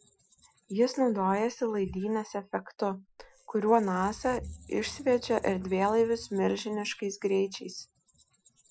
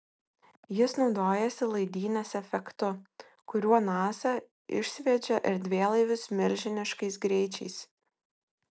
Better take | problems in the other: second | noise reduction (classical method Wiener filter)

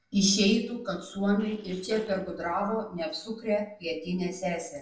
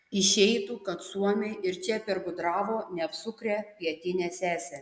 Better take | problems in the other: second | noise reduction (neural separator model SepFormer DNS4)

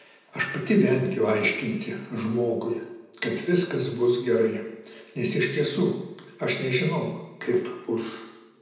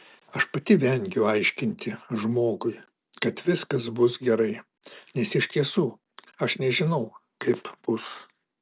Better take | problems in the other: second | room echo; dies away in 0.9 s

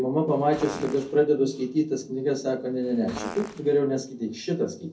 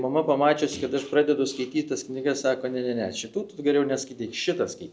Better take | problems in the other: second | background sound (Fart); 14 dB below the speech // room echo; dies away in 0.3 s

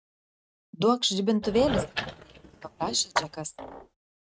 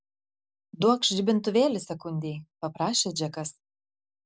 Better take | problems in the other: second | noise reduction (neural mask model RNNoise)

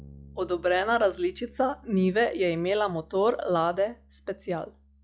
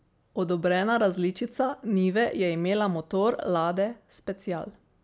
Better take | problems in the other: second | noise reduction (classical method log-MMSE)

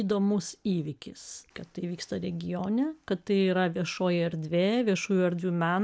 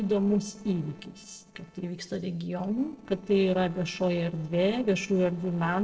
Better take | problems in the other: first | noise reduction (neural separator model SepFormer DNS4)

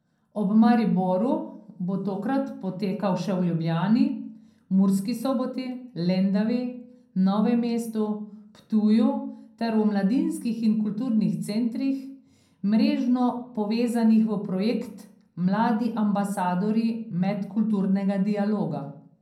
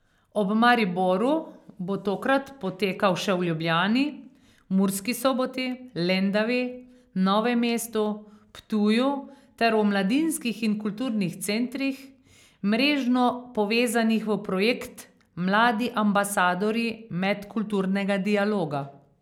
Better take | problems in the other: second | room echo; dies away in 0.5 s

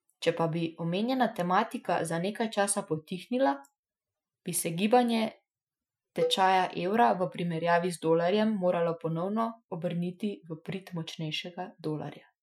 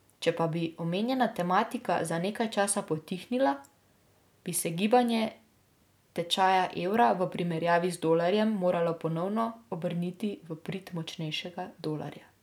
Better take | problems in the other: second | noise reduction (classical method Wiener filter)

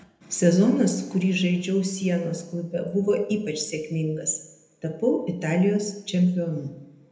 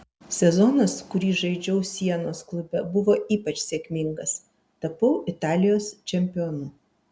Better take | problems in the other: second | room echo; dies away in 0.8 s

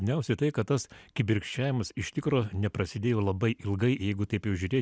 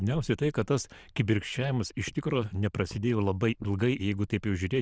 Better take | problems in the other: first | noise reduction (neural diffusion model UNIVERSE++)

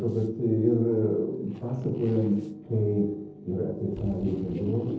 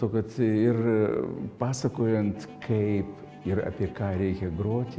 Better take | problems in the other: second | noise reduction (neural separator model SepFormer DNS4)

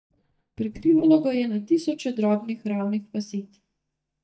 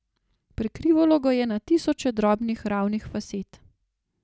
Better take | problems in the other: second | noise reduction (neural mask model DeepFilterNet 3)

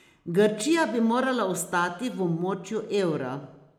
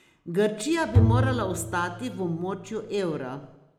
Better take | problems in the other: first | background sound (Bowed string instrument); 1 dB above the speech

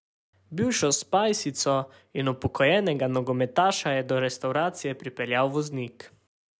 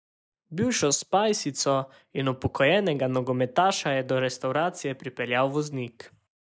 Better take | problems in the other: first | noise reduction (neural mask model Resemble Enhance denoiser)

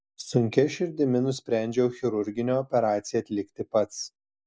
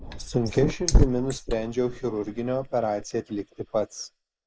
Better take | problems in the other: first | noise reduction (neural mask model Resemble Enhance denoiser)

